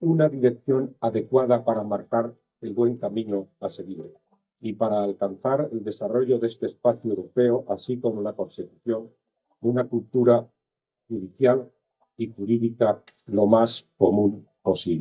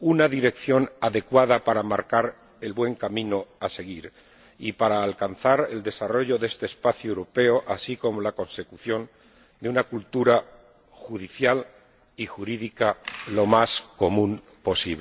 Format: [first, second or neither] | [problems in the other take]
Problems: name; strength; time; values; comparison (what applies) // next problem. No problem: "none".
second | noise reduction (neural mask model DeepFilterNet 3)